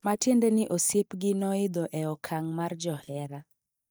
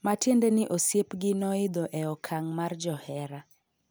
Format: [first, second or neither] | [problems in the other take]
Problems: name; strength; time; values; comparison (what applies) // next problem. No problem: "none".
second | noise reduction (neural mask model DeepFilterNet 3)